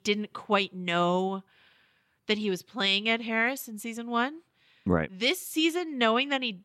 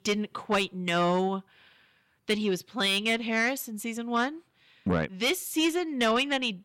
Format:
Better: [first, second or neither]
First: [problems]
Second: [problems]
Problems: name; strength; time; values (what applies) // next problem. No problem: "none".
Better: first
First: none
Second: distortion; slight; 10 dB below the speech